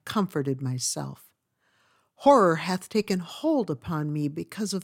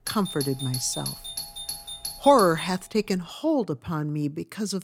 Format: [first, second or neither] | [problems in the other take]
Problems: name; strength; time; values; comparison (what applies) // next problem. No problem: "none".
first | doorbell; noticeable; until 2.5 s; peak 7 dB below the speech